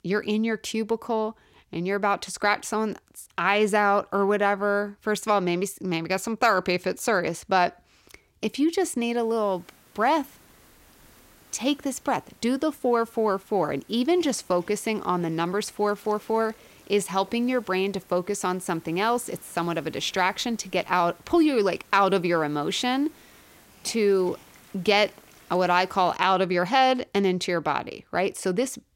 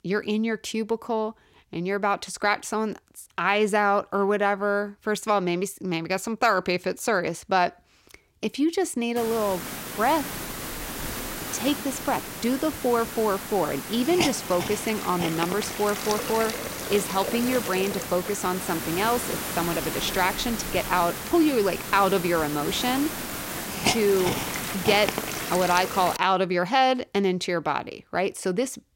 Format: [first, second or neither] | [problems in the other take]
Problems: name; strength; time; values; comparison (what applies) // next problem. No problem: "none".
first | hiss; loud; from 9 to 26 s; 5 dB below the speech; faint in the first